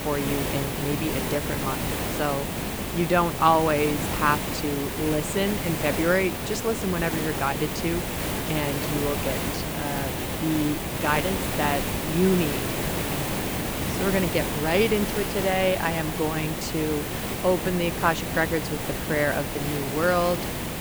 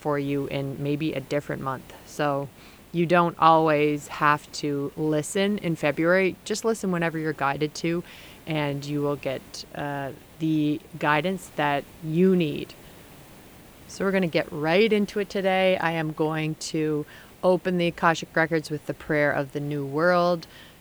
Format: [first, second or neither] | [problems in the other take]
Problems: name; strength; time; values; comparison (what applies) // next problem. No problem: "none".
second | hiss; loud; throughout; 2 dB below the speech; faint in the second